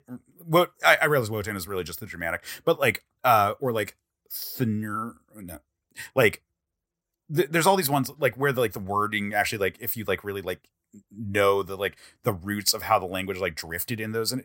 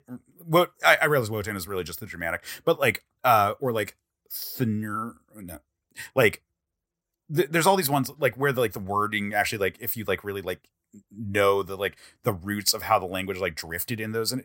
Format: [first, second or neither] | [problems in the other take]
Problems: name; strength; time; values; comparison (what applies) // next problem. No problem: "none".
neither | none